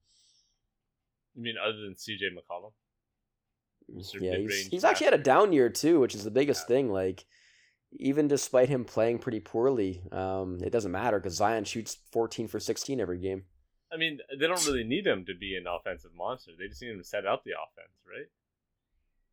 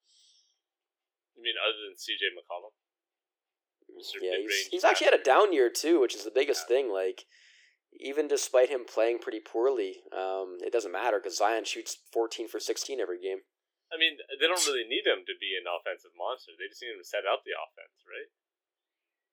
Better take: first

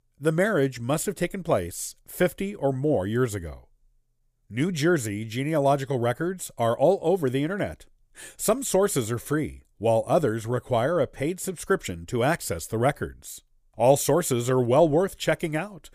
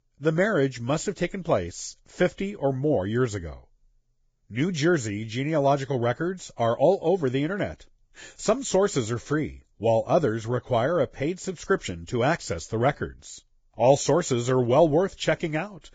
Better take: first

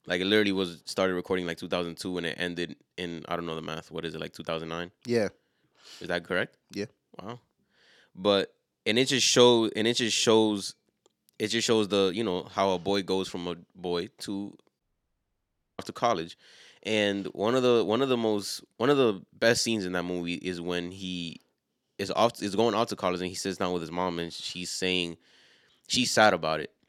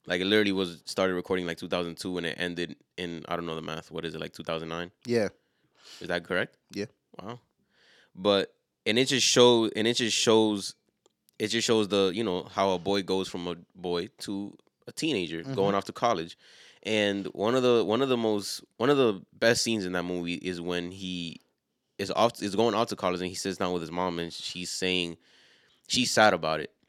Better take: second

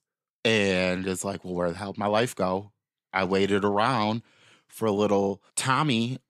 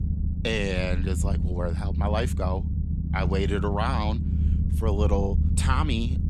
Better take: first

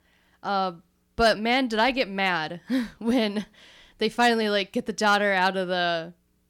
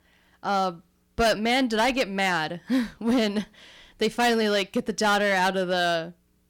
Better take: first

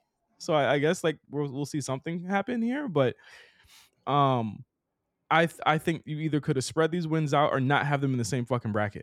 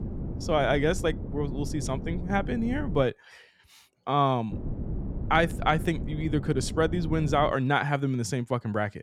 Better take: first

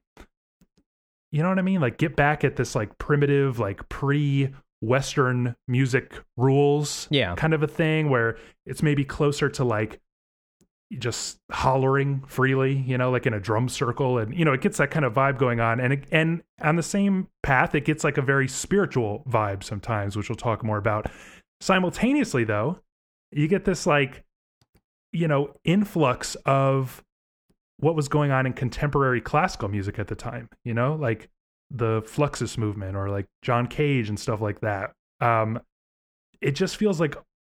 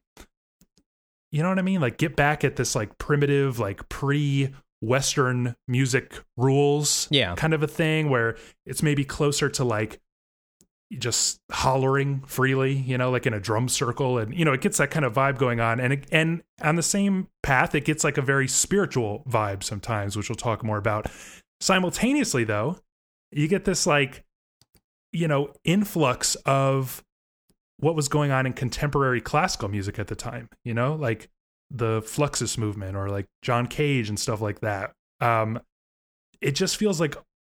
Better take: second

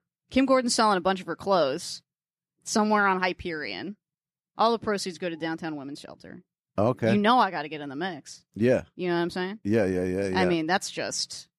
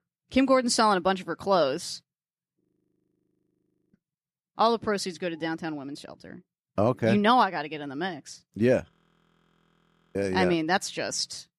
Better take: first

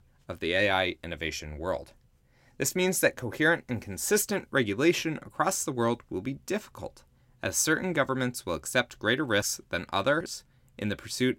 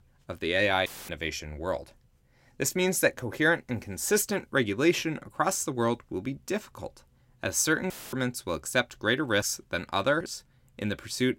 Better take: first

